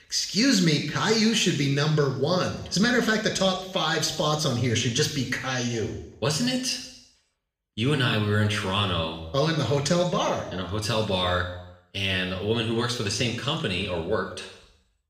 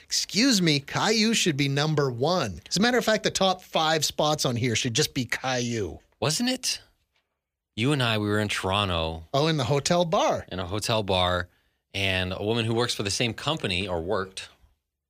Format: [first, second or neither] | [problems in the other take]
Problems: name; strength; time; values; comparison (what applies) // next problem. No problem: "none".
second | room echo; slight; dies away in 0.8 s // off-mic speech; somewhat distant